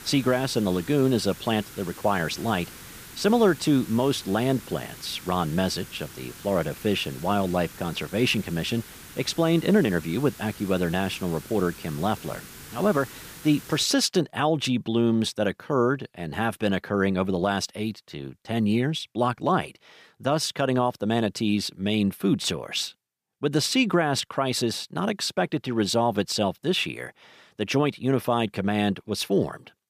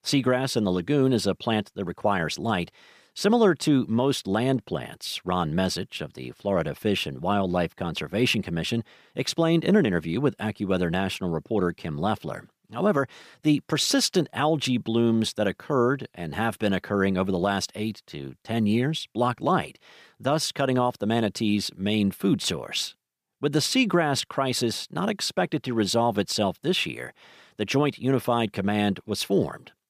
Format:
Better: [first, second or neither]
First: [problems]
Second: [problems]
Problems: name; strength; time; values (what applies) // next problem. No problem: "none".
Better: second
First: hiss; noticeable; until 14 s; 15 dB below the speech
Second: none